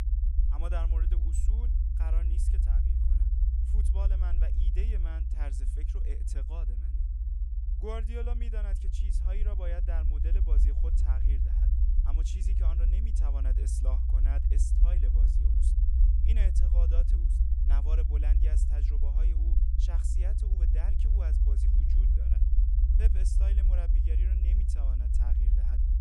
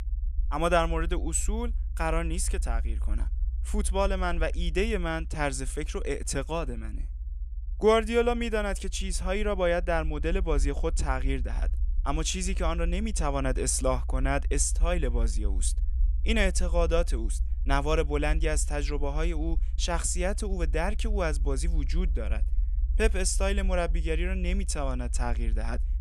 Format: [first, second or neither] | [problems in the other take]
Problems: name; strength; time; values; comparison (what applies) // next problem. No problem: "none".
second | low rumble; loud; throughout; 1 dB below the speech; faint in the second